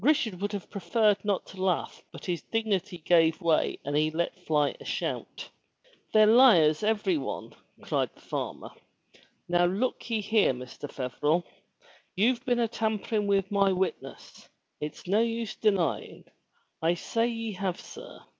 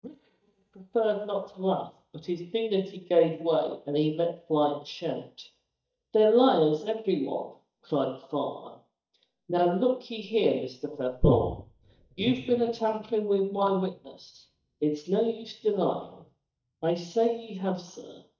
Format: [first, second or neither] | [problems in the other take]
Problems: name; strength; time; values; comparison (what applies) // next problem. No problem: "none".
first | noise reduction (neural mask model DeepFilterNet 3)